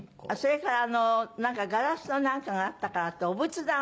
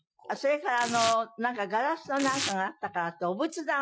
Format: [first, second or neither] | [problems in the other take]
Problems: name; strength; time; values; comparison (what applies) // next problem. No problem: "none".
first | noise reduction (classical method Wiener filter)